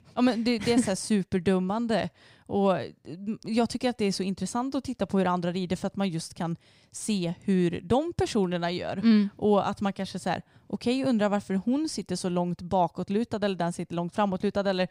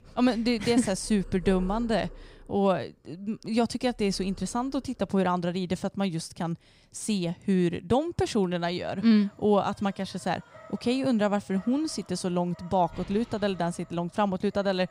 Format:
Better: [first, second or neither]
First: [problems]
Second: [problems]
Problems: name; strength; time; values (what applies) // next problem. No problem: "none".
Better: first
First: none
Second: animal sounds; faint; throughout; 25 dB below the speech